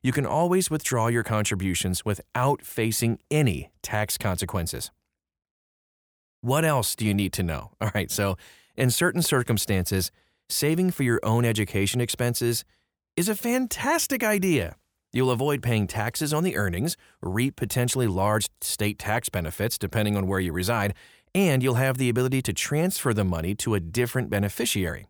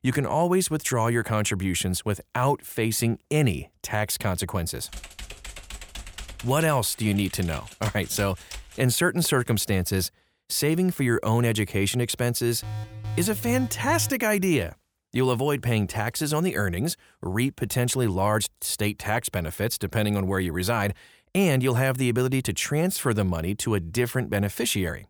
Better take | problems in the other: first | keyboard typing; faint; from 5 to 9 s; peak 15 dB below the speech // alarm; noticeable; from 13 to 14 s; peak 8 dB below the speech

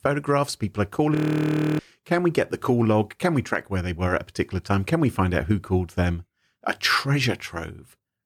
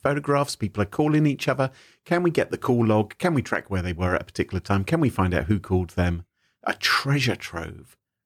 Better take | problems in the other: second | audio freezing; at 1 s for 0.5 s

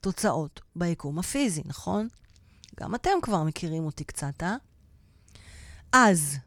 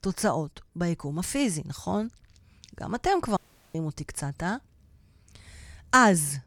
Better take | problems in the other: first | audio cutting out; at 3.5 s

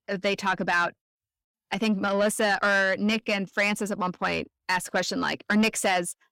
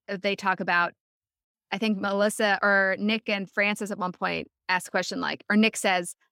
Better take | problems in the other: second | distortion; slight; 10 dB below the speech

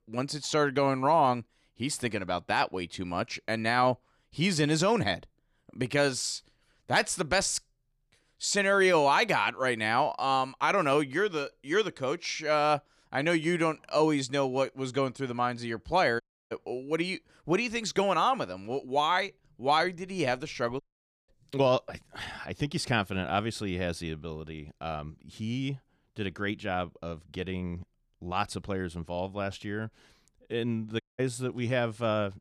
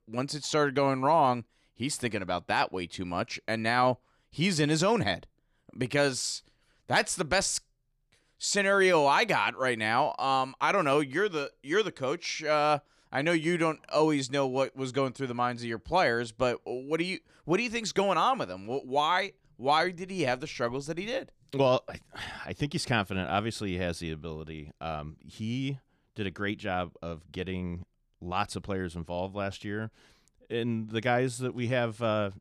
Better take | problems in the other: second | audio cutting out; at 16 s, at 21 s and at 31 s

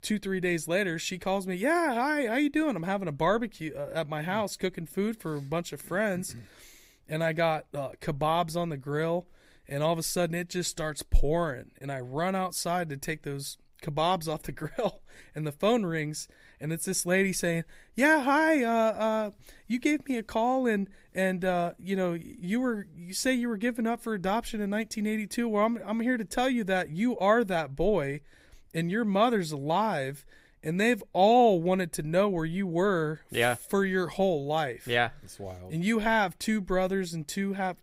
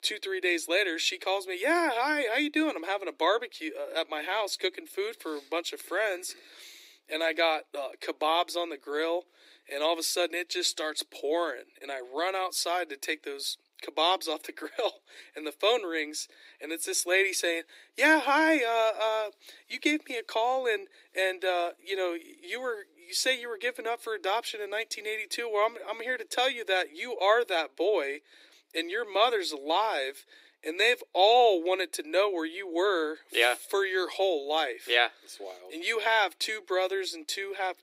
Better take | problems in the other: first | thin; very; fading below 300 Hz

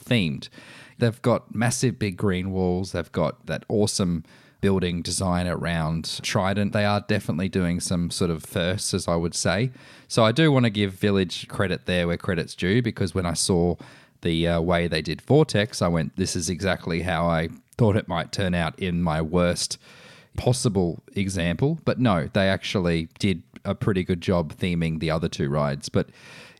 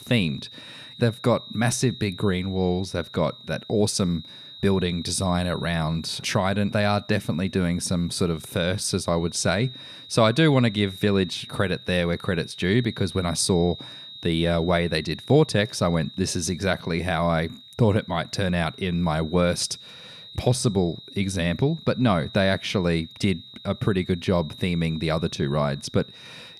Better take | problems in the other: first | high-pitched whine; noticeable; throughout; 3.5 kHz, 15 dB below the speech

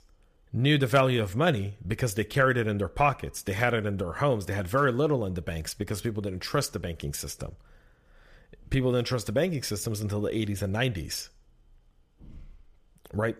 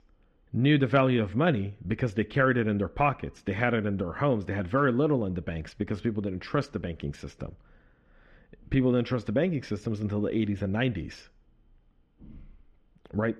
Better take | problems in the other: first | muffled; slightly; fading above 2.5 kHz

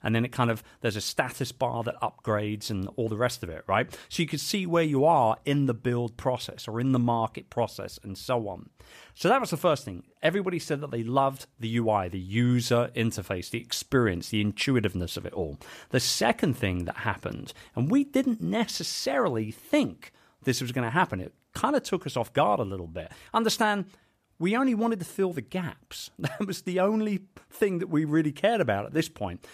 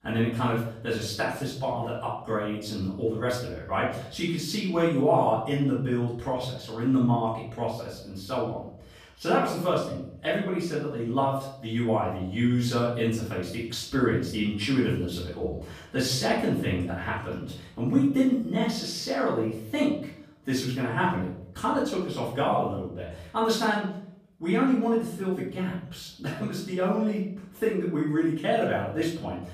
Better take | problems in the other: first | room echo; noticeable; dies away in 0.6 s // off-mic speech; far

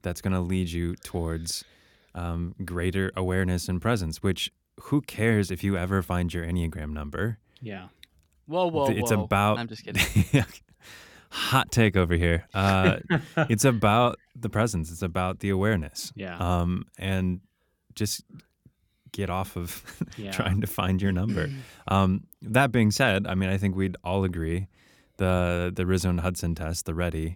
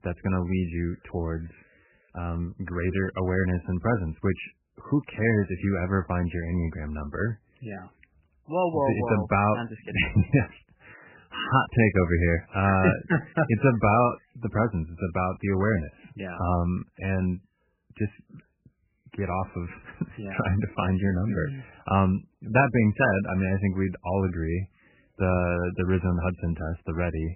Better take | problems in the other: first | garbled, watery; badly; nothing above 3 kHz

